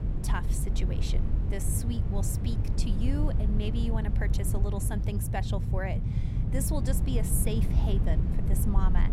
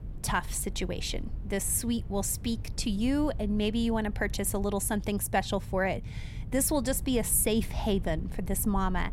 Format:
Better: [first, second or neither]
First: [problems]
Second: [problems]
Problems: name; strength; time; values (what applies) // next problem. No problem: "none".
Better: second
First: low rumble; loud; throughout; 4 dB below the speech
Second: low rumble; faint; throughout; 20 dB below the speech